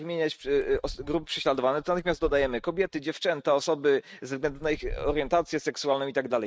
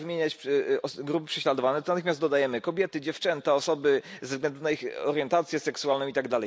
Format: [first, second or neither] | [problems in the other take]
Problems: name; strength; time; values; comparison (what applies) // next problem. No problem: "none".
second | noise reduction (neural mask model RNNoise)